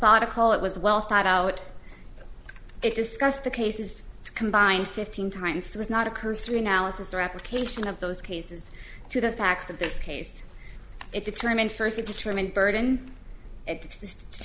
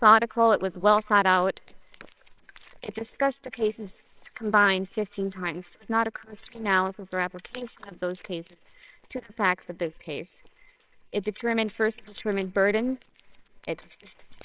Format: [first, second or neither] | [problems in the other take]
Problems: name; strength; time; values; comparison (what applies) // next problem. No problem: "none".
first | noise reduction (neural separator model SepFormer WHAMR!)